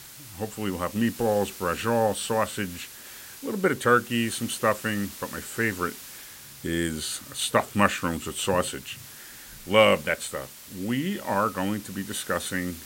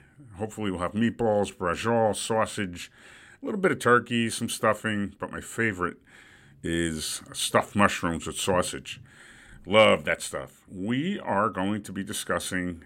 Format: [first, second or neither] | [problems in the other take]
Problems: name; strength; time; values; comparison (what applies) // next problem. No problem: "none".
second | hiss; noticeable; throughout; 15 dB below the speech